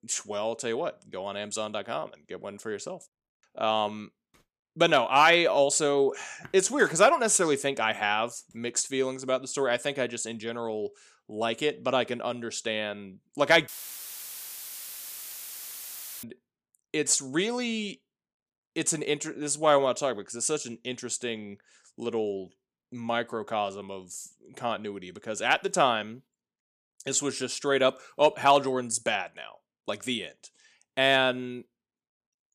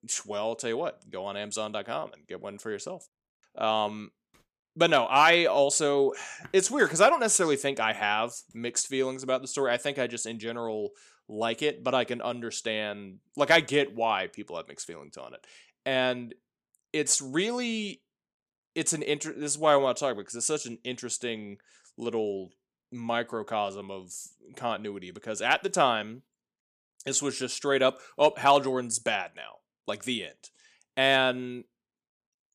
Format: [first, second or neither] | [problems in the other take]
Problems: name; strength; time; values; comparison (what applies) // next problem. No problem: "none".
second | audio cutting out; filled with static; at 14 s for 2.5 s